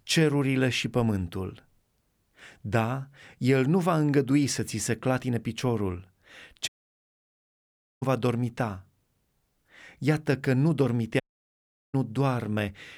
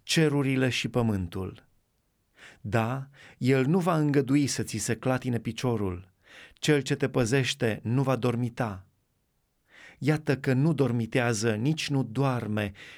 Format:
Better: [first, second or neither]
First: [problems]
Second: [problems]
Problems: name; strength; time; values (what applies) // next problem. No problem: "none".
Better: second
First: audio cutting out; at 6.5 s for 1.5 s and at 11 s for 0.5 s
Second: none